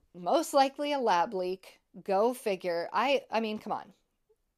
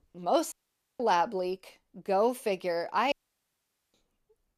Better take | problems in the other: first | audio cutting out; at 0.5 s and at 3 s for 1 s

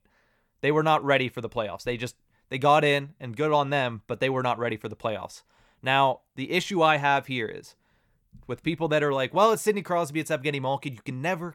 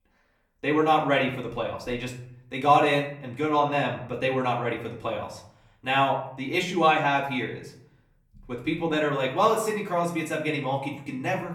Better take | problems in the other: first | room echo; slight; dies away in 0.5 s // off-mic speech; far

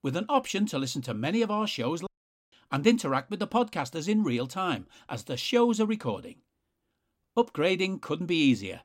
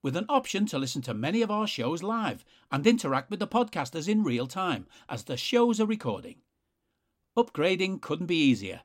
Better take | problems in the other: second | audio cutting out; at 2 s

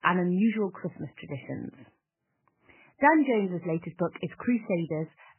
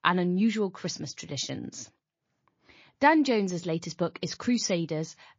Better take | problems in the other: second | garbled, watery; badly; nothing above 3 kHz; slightly in the second

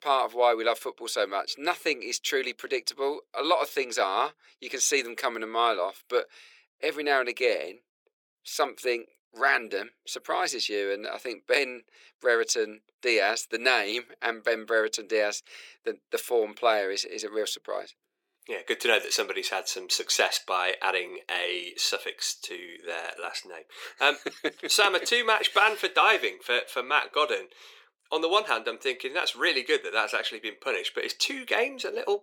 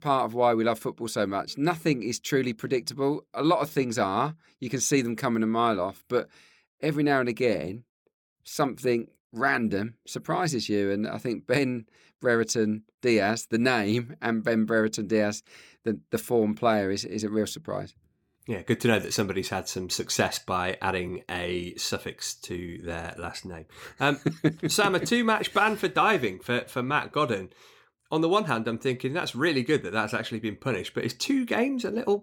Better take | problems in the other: second | thin; very; fading below 450 Hz

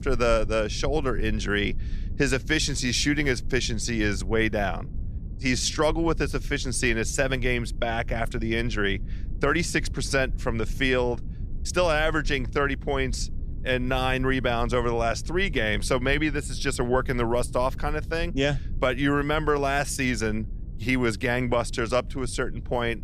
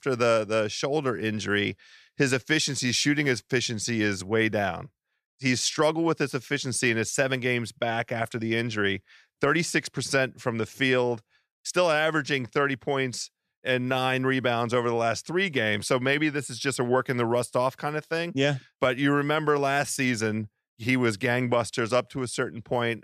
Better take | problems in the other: second | low rumble; faint; throughout; 25 dB below the speech

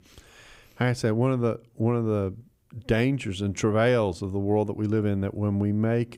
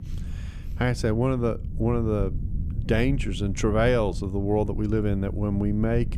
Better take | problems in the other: first | low rumble; noticeable; throughout; 20 dB below the speech

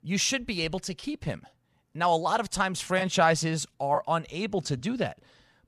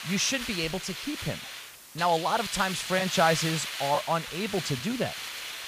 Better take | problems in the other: first | hiss; loud; throughout; 6 dB below the speech

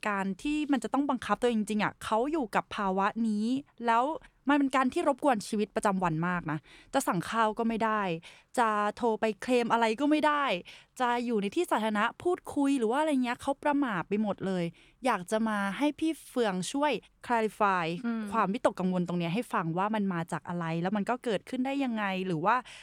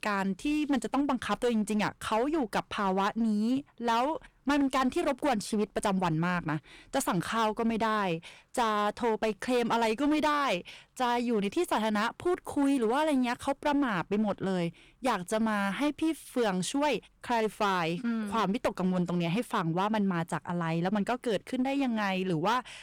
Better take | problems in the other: first | distortion; slight; 12% of the sound clipped

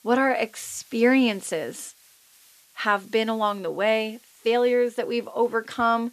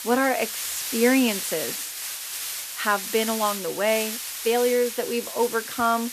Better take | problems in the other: first | hiss; loud; throughout; 5 dB below the speech; faint in the first

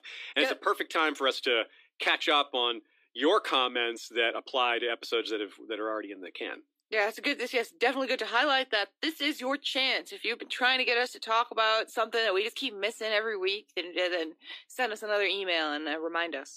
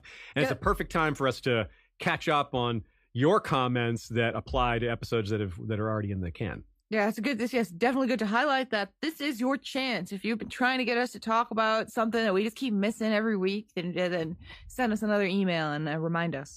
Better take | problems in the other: second | thin; somewhat; fading below 300 Hz

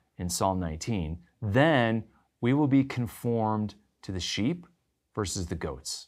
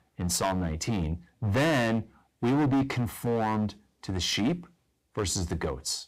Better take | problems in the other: first | distortion; heavy; 11% of the sound clipped

